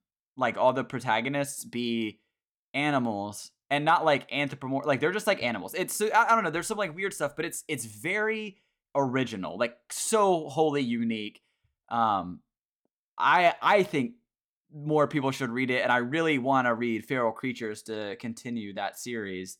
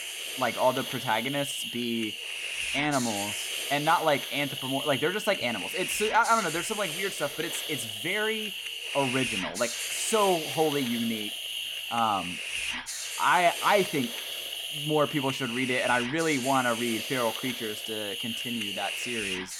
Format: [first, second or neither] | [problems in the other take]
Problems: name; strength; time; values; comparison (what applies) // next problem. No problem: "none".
first | hiss; loud; throughout; 3 dB below the speech